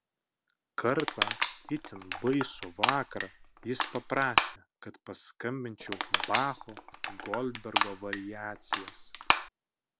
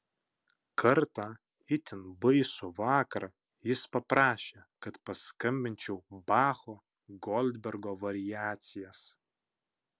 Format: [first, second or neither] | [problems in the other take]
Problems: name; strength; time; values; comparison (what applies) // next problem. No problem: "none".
second | background sound (Crushing); 2 dB above the speech